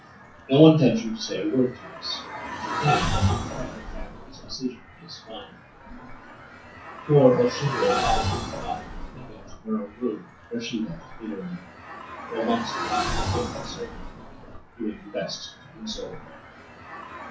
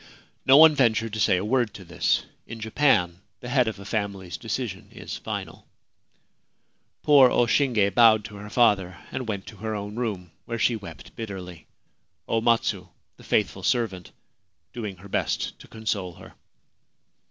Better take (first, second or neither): second